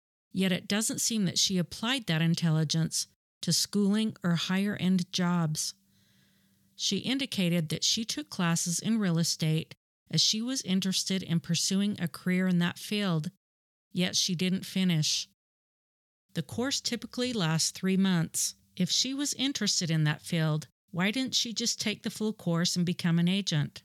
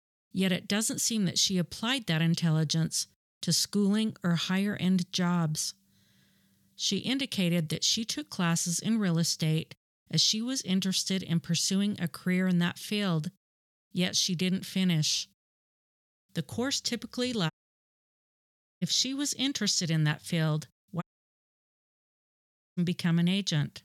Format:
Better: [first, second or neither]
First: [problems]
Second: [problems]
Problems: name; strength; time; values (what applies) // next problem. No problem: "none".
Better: first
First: none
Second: audio cutting out; at 18 s for 1.5 s and at 21 s for 2 s